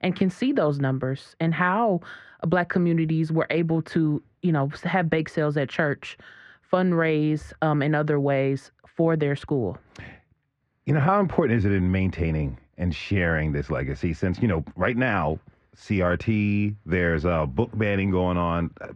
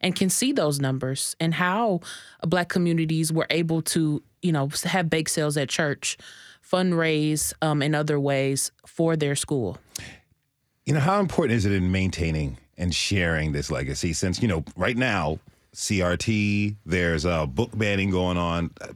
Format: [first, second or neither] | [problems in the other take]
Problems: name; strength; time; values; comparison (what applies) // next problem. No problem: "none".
second | muffled; very; fading above 1.5 kHz